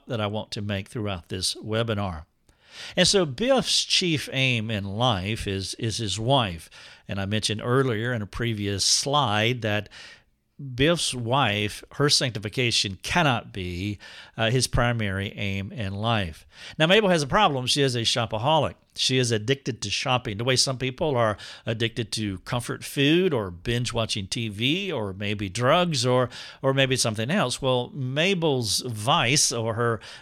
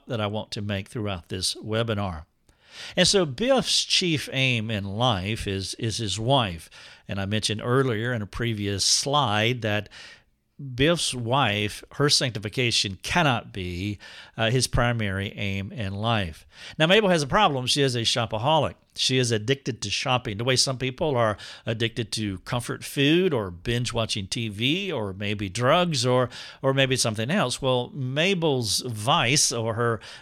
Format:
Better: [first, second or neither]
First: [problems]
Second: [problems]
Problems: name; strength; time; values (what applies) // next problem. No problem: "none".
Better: neither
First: none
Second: none